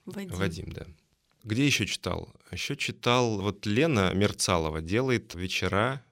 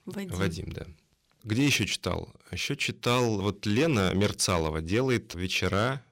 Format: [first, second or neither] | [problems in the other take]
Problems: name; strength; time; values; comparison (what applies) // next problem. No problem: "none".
first | distortion; slight; 4% of the sound clipped